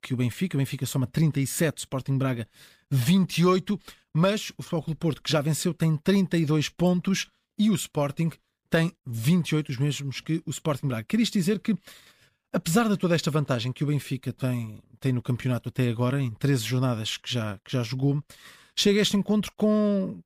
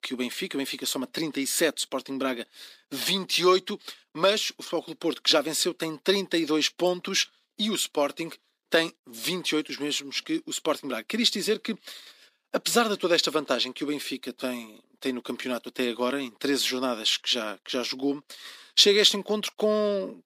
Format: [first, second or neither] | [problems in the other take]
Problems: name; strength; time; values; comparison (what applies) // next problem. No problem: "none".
first | thin; somewhat; fading below 250 Hz